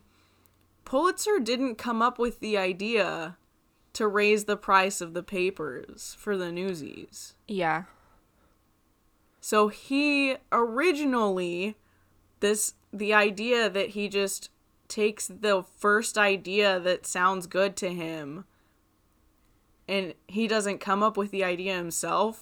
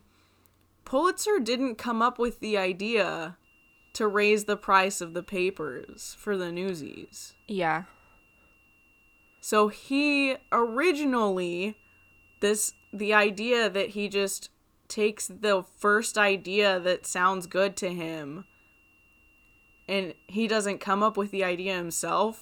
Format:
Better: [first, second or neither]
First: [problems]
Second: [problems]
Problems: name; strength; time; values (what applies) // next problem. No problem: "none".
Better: first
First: none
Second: high-pitched whine; faint; from 3.5 to 14 s and from 16 s on; 3 kHz, 35 dB below the speech